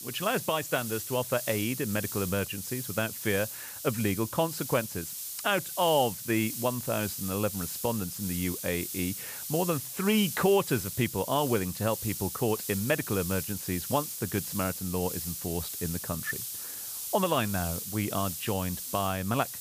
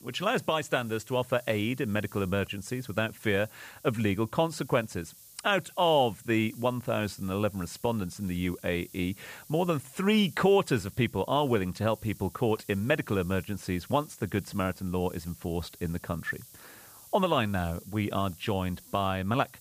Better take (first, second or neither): second